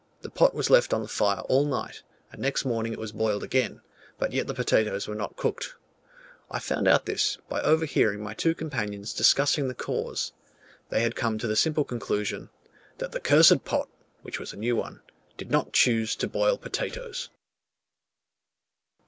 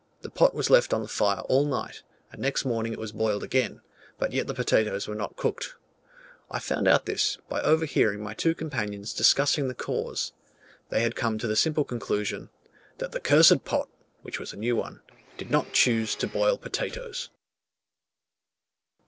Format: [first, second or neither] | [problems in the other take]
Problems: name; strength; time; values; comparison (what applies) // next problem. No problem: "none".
first | noise reduction (neural separator model SepFormer DNS4)